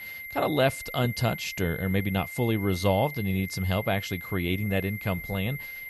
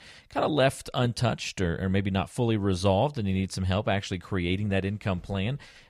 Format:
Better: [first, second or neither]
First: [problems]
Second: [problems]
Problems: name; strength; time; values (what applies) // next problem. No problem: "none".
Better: second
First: high-pitched whine; loud; throughout; 2 kHz, 9 dB below the speech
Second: none